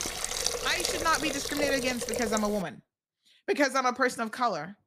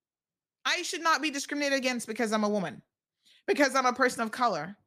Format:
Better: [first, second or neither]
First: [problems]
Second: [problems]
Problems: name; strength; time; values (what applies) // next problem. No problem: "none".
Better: second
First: hiss; loud; until 2.5 s; 3 dB below the speech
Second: none